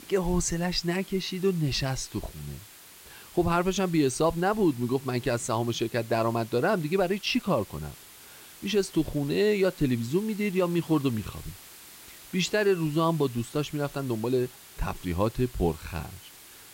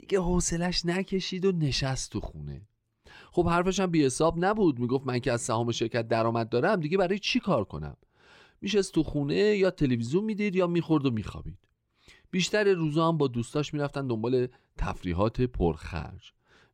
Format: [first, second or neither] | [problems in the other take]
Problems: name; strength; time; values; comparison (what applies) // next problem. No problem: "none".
second | hiss; noticeable; throughout; 20 dB below the speech